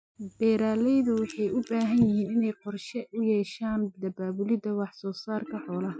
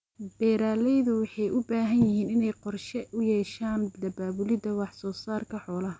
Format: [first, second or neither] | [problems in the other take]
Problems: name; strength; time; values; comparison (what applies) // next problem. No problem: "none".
second | noise reduction (classical method Wiener filter)